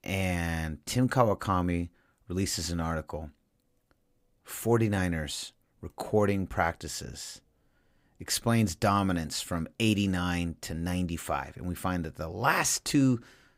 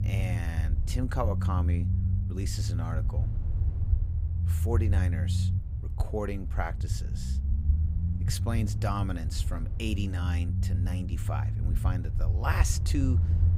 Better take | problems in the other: first | low rumble; loud; throughout; 7 dB below the speech

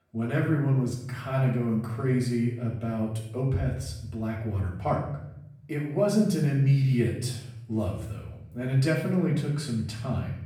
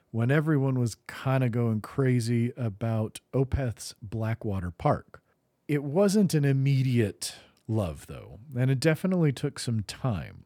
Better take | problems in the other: second | off-mic speech; far // room echo; noticeable; dies away in 0.7 s

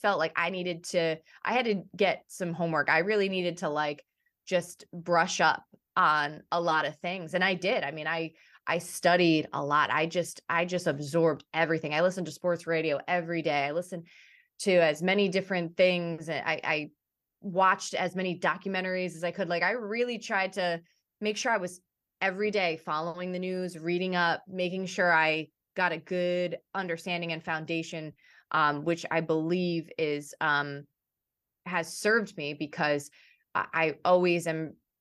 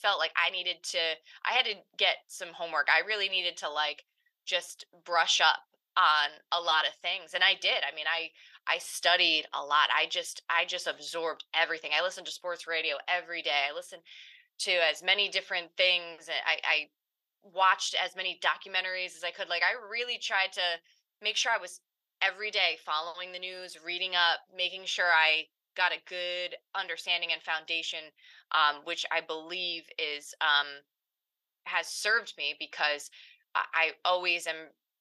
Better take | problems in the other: first | thin; very; fading below 850 Hz

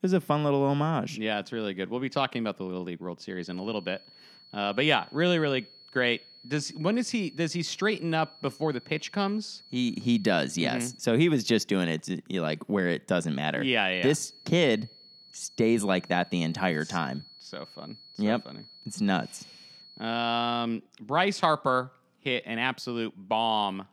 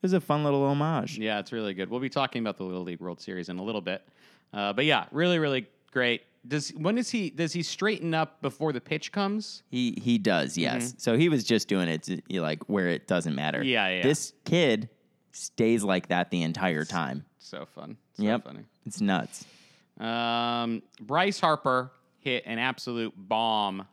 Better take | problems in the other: second | high-pitched whine; faint; from 3.5 to 11 s and from 14 to 20 s; 4.5 kHz, 20 dB below the speech

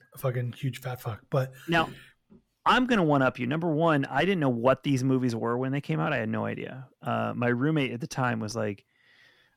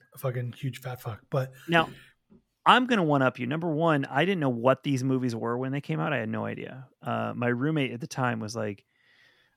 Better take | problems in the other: second | distortion; slight; 10 dB below the speech

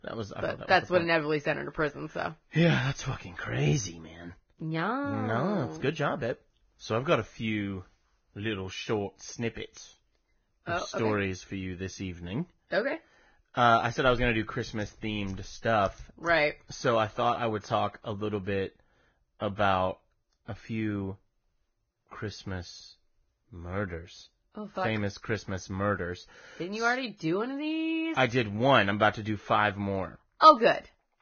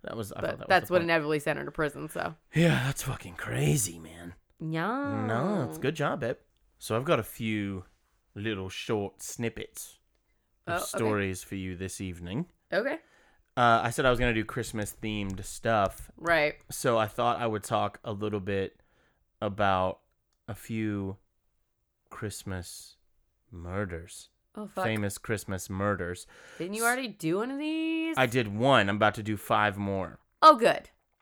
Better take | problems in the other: second | garbled, watery; badly; nothing above 6.5 kHz

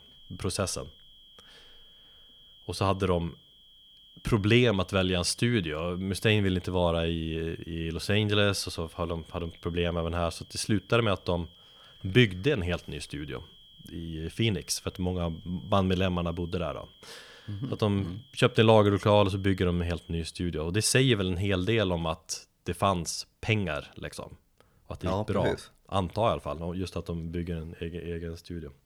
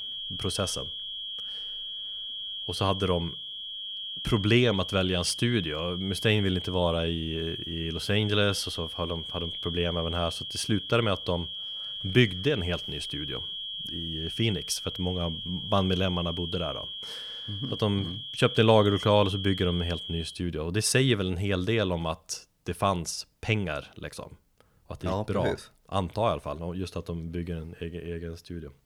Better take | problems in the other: first | high-pitched whine; loud; until 20 s; 3.5 kHz, 6 dB below the speech; faint in the first

